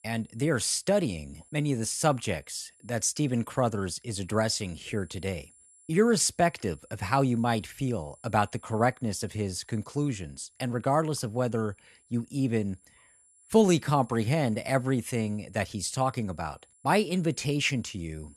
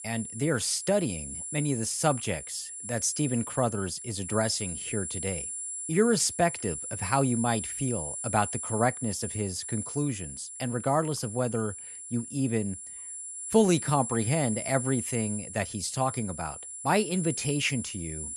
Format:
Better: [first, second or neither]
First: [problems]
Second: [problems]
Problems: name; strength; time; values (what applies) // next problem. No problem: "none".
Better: first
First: high-pitched whine; faint; throughout; 10 kHz, 30 dB below the speech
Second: high-pitched whine; loud; throughout; 10 kHz, 6 dB below the speech